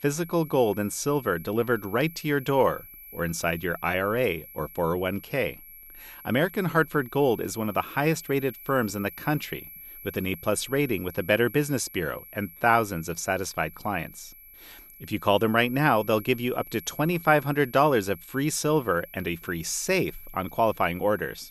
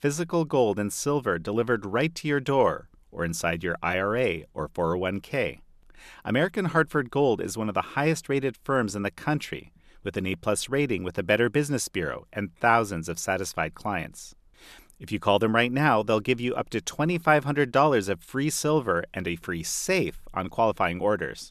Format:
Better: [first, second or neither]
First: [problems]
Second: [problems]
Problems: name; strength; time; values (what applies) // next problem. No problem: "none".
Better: second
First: high-pitched whine; noticeable; throughout; 11.5 kHz, 20 dB below the speech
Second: none